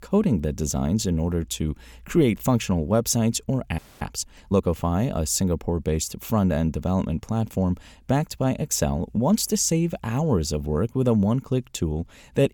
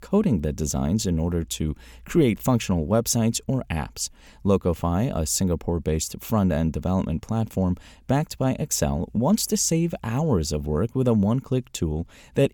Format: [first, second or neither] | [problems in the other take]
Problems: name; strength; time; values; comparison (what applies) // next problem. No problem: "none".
second | audio freezing; at 4 s